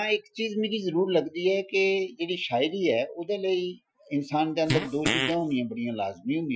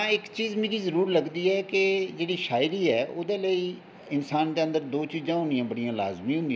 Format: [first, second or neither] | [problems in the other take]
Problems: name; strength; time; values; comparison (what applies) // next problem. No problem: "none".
second | noise reduction (classical method Wiener filter)